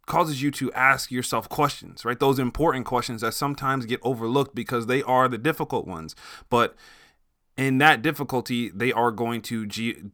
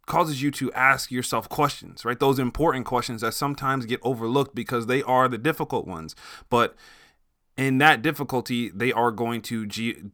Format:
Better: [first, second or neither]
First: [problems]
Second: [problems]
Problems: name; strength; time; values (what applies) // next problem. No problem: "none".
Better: neither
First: none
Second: none